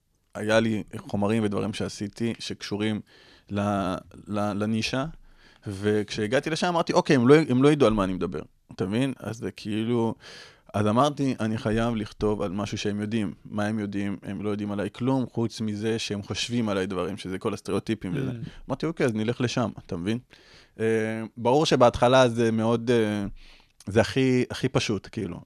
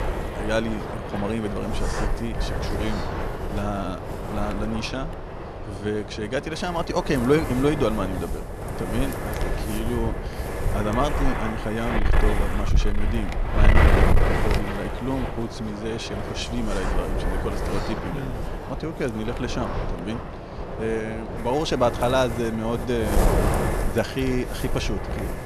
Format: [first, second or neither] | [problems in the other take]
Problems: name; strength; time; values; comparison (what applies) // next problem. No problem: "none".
first | wind noise on the microphone; heavy; 2 dB below the speech